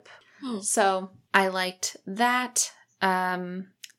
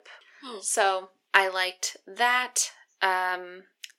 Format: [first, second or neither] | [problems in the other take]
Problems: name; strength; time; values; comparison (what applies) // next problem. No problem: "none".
first | thin; very; fading below 350 Hz